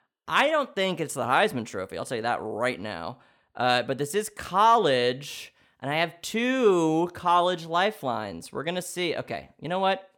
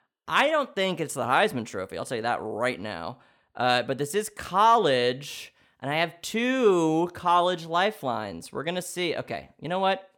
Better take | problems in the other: neither | none

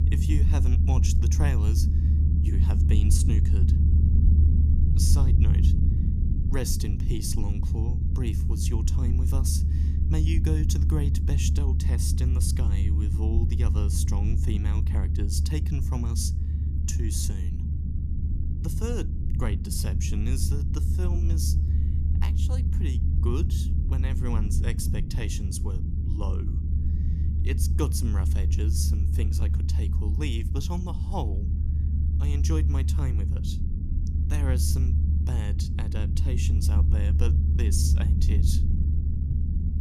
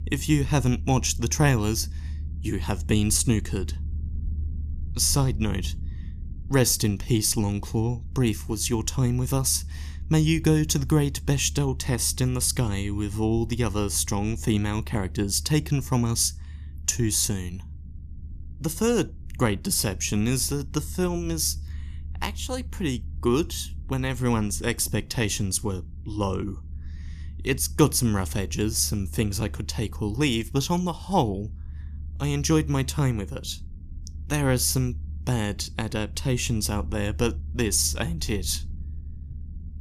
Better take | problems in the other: second | low rumble; loud; throughout; 3 dB below the speech; faint in the second

